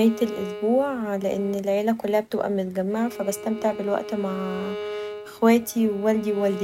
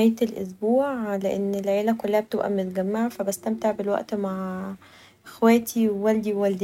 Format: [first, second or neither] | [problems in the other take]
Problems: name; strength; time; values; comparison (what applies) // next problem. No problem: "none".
second | background sound (Bowed string instrument); 12 dB below the speech